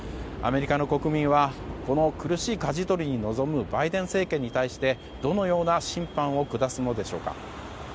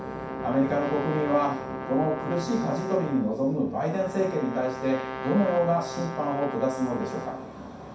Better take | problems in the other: first | background sound (Brass instrument); 9 dB below the speech // room echo; dies away in 0.6 s

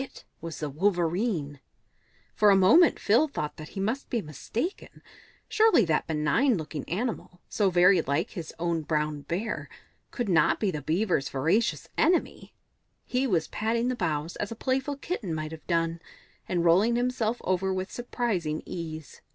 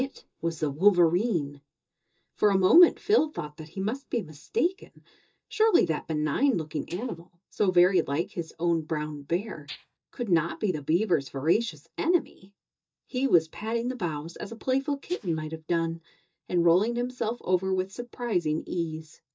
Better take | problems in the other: first | noise reduction (neural mask model DeepFilterNet 3)

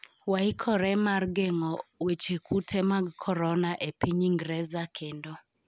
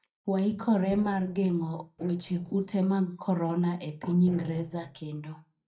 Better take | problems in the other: first | noise reduction (neural mask model DeepFilterNet 3)

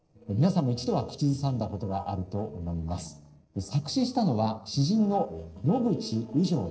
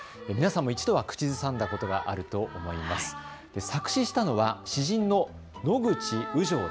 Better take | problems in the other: second | noise reduction (neural separator model SepFormer DNS4)

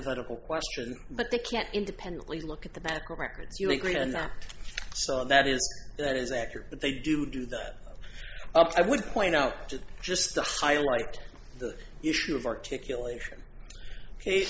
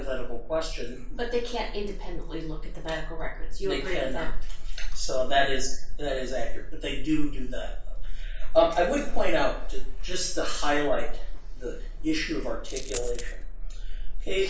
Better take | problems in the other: first | background sound (Coin (dropping)); 17 dB below the speech // room echo; dies away in 0.3 s

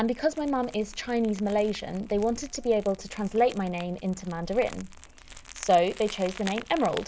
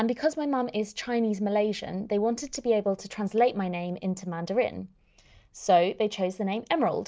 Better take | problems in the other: second | background sound (Crumpling, crinkling); 16 dB below the speech

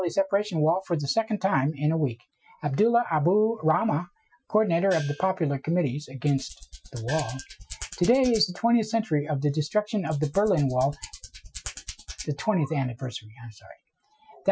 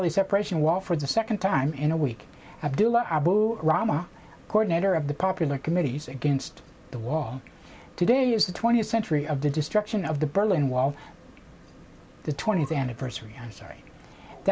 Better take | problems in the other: second | noise reduction (classical method Wiener filter)

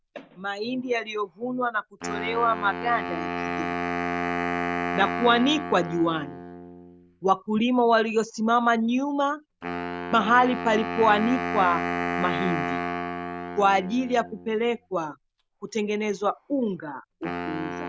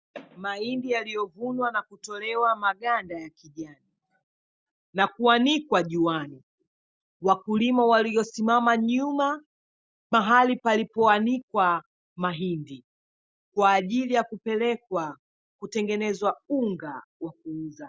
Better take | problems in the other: second | background sound (Wind instrument, woodwind instrument); 6 dB below the speech

